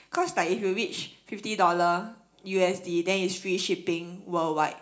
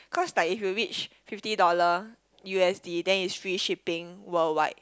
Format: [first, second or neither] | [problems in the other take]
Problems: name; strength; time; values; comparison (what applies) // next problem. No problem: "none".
second | room echo; dies away in 0.4 s